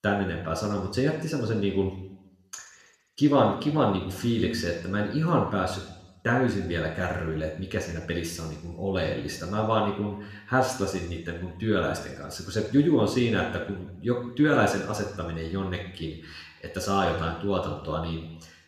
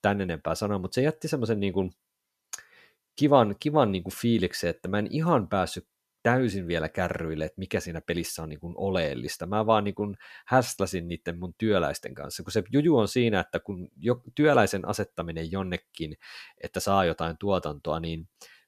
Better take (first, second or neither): second